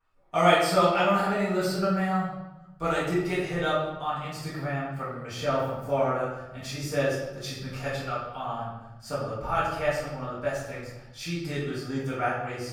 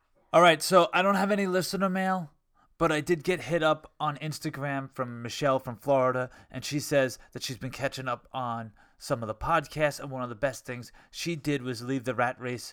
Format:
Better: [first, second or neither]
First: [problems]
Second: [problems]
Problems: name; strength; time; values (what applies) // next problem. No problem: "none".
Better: second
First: room echo; noticeable; dies away in 1 s // off-mic speech; far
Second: none